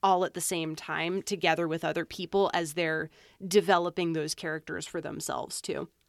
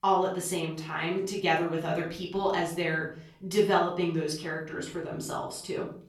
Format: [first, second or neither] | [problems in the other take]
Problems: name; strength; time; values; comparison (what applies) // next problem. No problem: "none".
first | off-mic speech; far // room echo; slight; dies away in 0.4 s